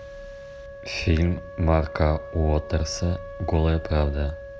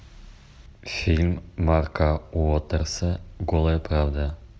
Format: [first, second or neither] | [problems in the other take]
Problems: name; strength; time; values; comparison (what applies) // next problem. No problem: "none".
second | background sound (Wind instrument, woodwind instrument); 15 dB below the speech